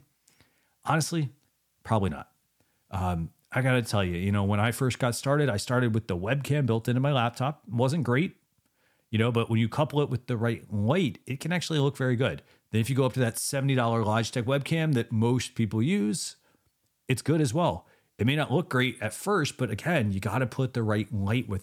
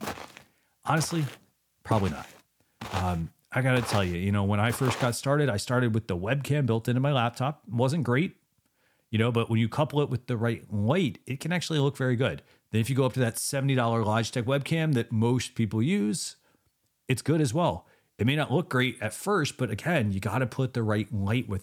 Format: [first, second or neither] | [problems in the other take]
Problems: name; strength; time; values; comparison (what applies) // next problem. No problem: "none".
first | footsteps; noticeable; until 5 s; peak 7 dB below the speech